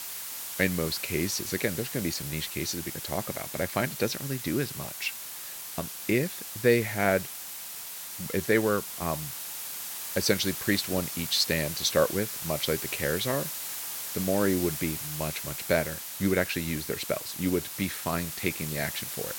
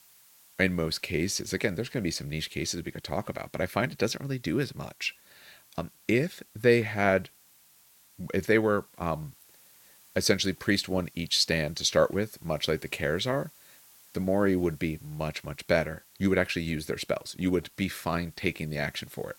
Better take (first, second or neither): second